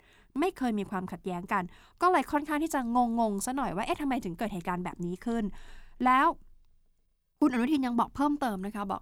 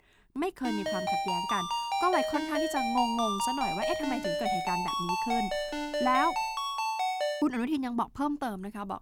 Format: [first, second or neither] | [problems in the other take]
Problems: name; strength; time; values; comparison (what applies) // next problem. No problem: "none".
first | phone ringing; loud; from 0.5 to 7.5 s; peak 3 dB above the speech